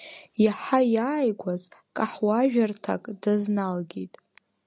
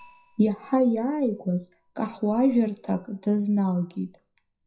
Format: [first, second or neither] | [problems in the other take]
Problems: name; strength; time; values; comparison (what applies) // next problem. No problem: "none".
first | noise reduction (classical method WPE with log-MMSE)